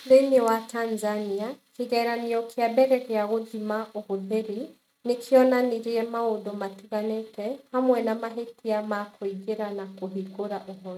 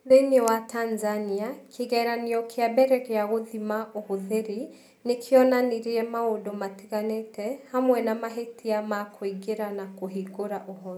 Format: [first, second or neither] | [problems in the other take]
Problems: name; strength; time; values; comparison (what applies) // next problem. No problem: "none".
second | noise reduction (neural mask model RNNoise)